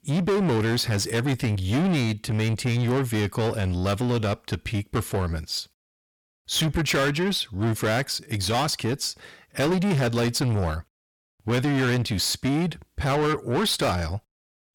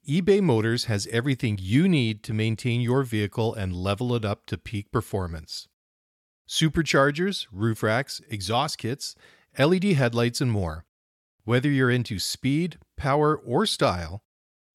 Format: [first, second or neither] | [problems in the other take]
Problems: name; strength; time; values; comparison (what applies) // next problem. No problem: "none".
second | distortion; heavy; 7 dB below the speech